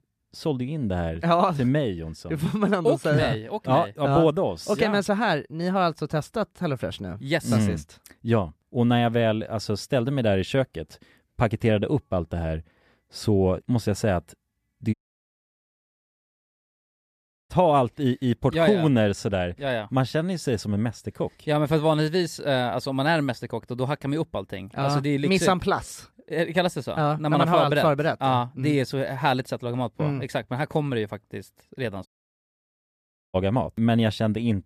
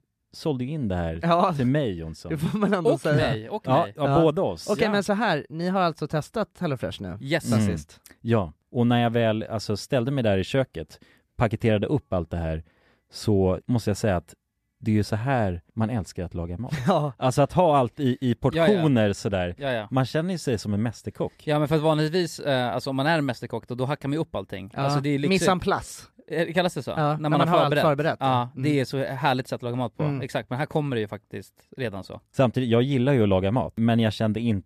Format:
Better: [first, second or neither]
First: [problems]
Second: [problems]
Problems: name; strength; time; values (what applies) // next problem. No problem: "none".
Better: second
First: audio cutting out; at 15 s for 2.5 s and at 32 s for 1.5 s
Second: none